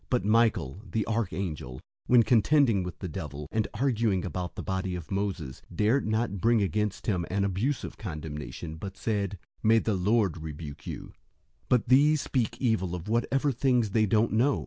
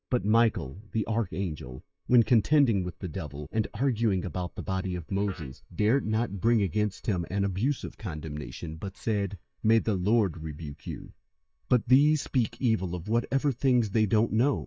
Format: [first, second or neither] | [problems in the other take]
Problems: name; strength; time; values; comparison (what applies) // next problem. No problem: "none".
first | noise reduction (neural mask model DeepFilterNet 3)